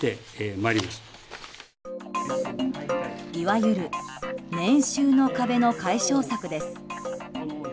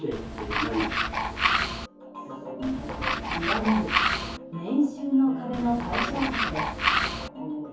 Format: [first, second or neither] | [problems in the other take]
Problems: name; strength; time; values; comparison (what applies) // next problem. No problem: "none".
first | background sound (Tools); 2 dB above the speech // room echo; dies away in 0.6 s